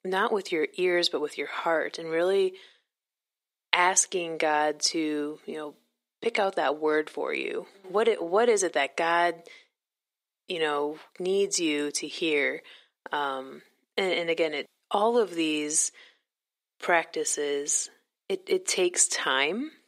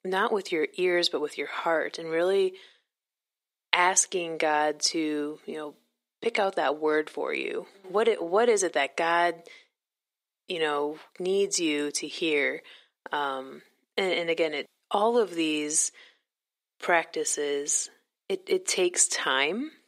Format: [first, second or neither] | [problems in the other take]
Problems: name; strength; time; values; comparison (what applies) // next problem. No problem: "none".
neither | thin; very; fading below 350 Hz; the same in both